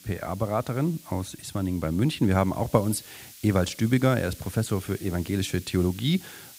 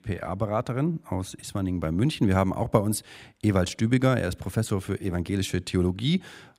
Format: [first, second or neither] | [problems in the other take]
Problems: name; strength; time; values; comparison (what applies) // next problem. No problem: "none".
second | hiss; noticeable; throughout; 20 dB below the speech